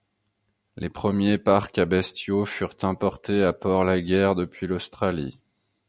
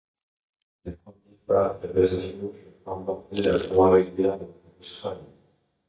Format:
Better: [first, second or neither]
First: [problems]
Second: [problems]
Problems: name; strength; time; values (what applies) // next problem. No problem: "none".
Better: first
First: none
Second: noise reduction (neural mask model DeepFilterNet 3)